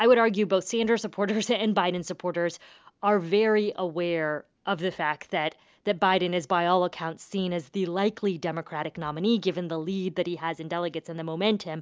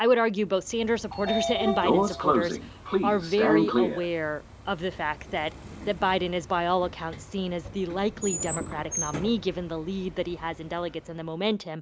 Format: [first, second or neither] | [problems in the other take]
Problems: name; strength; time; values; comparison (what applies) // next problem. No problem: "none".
first | background sound (Sliding door / Train); 3 dB below the speech